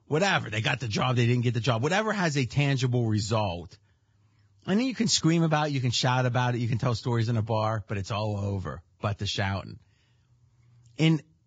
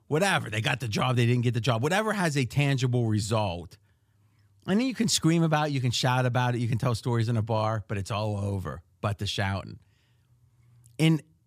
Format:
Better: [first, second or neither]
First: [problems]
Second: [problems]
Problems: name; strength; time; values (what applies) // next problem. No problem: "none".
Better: second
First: garbled, watery; badly; nothing above 7.5 kHz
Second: none